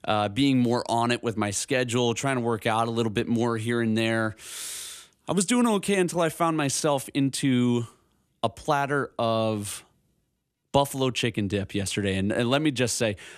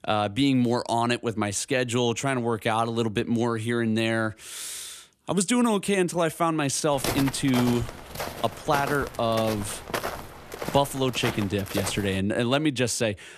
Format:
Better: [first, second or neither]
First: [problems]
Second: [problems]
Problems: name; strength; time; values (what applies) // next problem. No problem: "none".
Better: first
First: none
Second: footsteps; noticeable; from 7 to 12 s; peak 3 dB below the speech